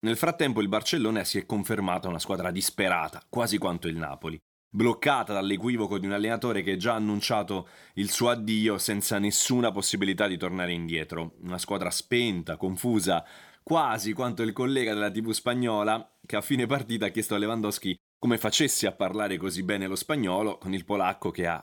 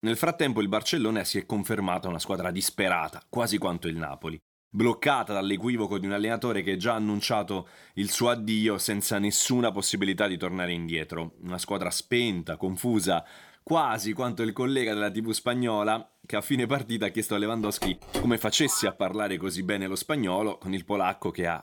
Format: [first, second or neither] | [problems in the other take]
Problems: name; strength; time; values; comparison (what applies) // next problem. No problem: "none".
first | phone ringing; noticeable; from 18 to 19 s; peak 5 dB below the speech